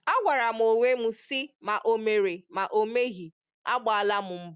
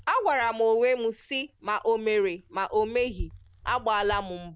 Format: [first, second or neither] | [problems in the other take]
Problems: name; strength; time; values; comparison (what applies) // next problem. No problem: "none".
first | background sound (Bicycle); 17 dB below the speech